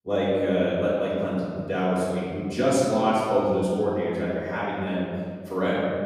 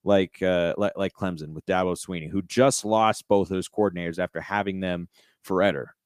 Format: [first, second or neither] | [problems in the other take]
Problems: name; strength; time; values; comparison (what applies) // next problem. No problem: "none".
second | off-mic speech; far // room echo; strong; dies away in 2 s